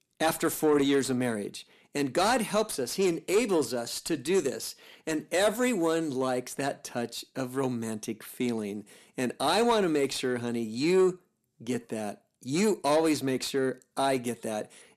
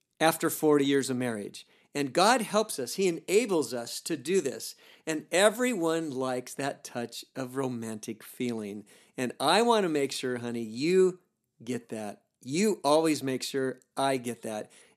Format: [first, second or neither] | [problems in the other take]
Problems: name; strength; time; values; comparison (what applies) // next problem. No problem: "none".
second | distortion; slight; 10 dB below the speech